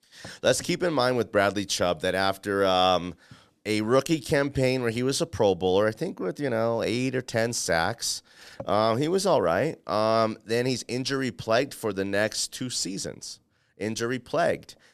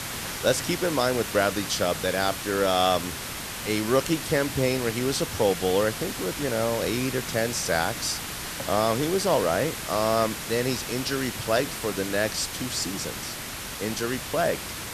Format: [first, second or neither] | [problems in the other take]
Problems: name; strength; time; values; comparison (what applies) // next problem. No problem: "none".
first | hiss; loud; throughout; 6 dB below the speech